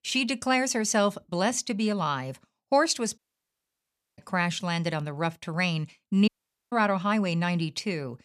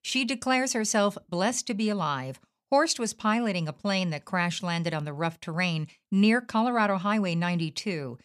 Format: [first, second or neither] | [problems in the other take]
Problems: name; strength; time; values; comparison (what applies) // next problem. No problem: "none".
second | audio cutting out; at 3 s for 1 s and at 6.5 s